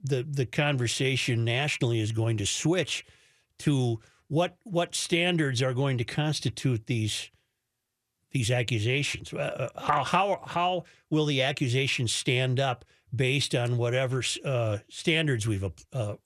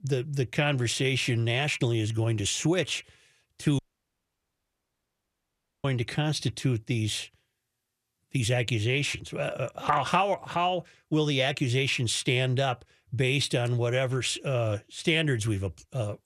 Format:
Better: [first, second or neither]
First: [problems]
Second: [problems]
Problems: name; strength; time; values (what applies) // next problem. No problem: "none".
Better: first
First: none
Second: audio cutting out; at 4 s for 2 s